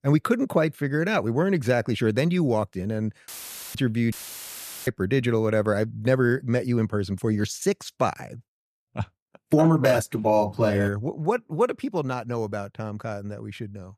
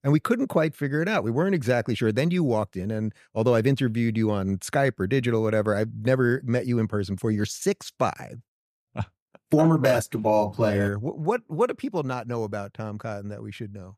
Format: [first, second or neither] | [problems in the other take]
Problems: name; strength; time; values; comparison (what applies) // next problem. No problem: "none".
second | audio cutting out; filled with static; at 3.5 s and at 4 s for 1 s